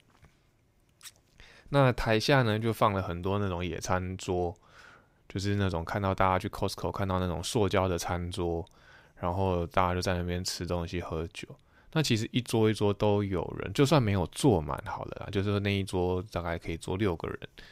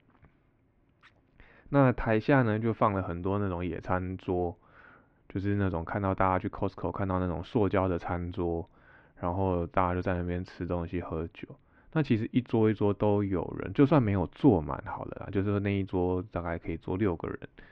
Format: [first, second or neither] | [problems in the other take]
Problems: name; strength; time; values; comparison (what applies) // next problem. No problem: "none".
first | muffled; very; fading above 2 kHz